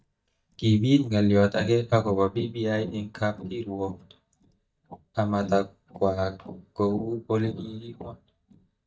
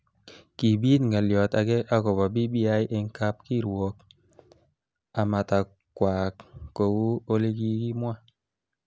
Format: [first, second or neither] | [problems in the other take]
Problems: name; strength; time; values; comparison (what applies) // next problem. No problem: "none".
second | noise reduction (neural mask model DeepFilterNet 3)